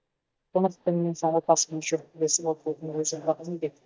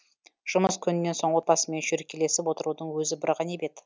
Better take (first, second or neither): second